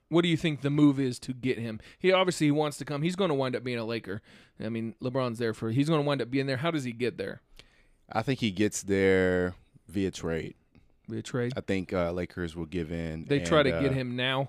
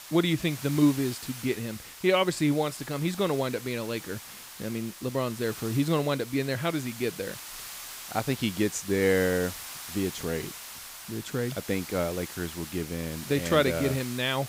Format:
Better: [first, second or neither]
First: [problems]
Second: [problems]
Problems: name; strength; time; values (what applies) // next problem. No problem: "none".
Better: first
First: none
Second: hiss; noticeable; throughout; 10 dB below the speech